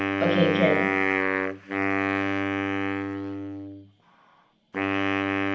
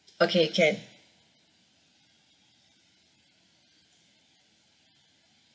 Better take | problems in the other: second | background sound (Wind instrument, woodwind instrument); 5 dB above the speech // room echo; dies away in 0.8 s

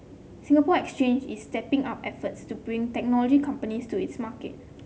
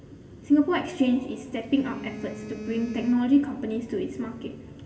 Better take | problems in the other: first | background sound (Telephone); 17 dB below the speech // room echo; dies away in 1.7 s

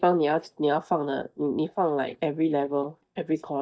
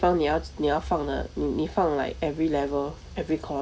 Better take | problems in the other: second | noise reduction (neural mask model DeepFilterNet 3)

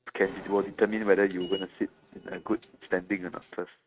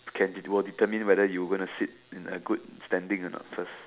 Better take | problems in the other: second | noise reduction (neural mask model RNNoise)

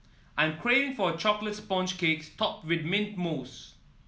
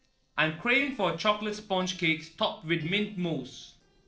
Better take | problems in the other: first | noise reduction (neural separator model SepFormer DNS4)

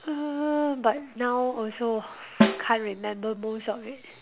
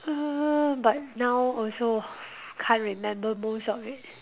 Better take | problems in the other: second | background sound (Snare drum); 1 dB above the speech

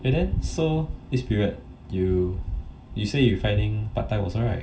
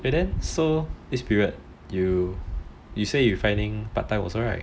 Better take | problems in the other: second | room echo; dies away in 0.2 s

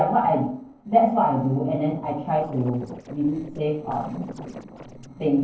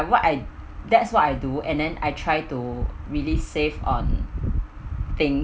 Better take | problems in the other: second | noise reduction (neural separator model SepFormer DNS4)

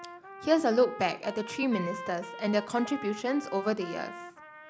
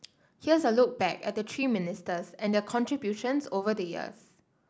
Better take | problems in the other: second | background sound (Trumpet); 13 dB below the speech

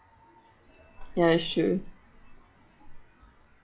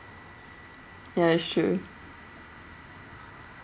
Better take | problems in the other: second | noise reduction (classical method log-MMSE)

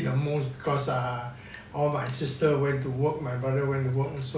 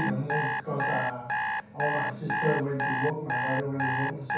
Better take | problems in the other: first | background sound (Alarm); as loud as the speech // room echo; dies away in 0.7 s

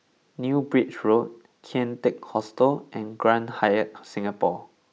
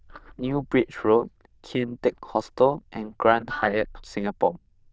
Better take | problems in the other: first | noise reduction (neural diffusion model UNIVERSE++)

